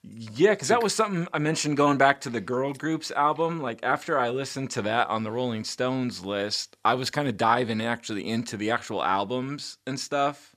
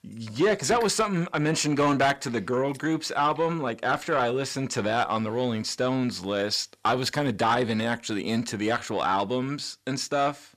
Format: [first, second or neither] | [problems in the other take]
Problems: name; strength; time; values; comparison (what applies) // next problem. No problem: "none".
first | distortion; slight; 10 dB below the speech